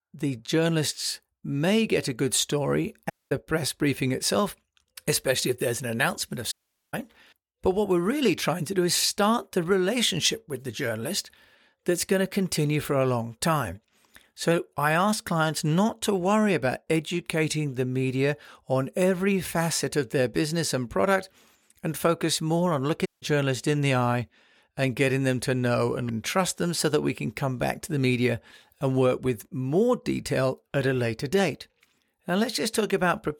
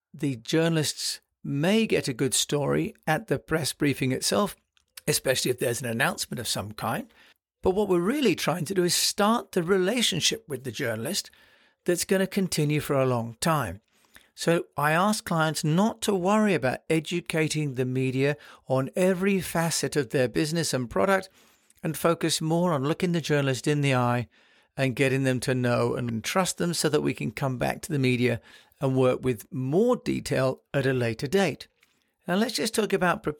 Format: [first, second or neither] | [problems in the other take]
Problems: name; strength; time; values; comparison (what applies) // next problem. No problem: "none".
second | audio cutting out; at 3 s, at 6.5 s and at 23 s